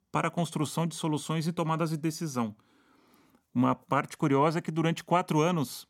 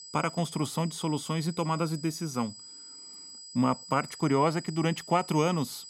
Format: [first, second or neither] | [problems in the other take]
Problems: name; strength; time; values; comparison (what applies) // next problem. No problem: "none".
first | high-pitched whine; noticeable; throughout; 5 kHz, 15 dB below the speech